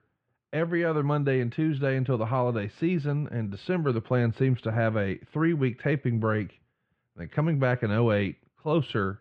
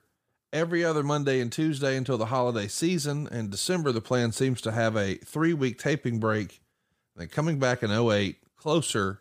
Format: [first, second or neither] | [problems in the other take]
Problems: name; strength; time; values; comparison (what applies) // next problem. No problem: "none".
second | muffled; very; fading above 2.5 kHz